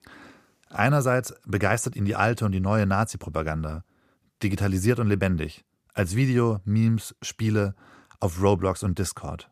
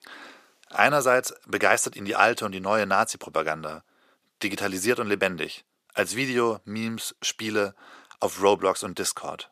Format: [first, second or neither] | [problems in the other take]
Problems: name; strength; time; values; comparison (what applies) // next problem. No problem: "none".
first | thin; somewhat; fading below 400 Hz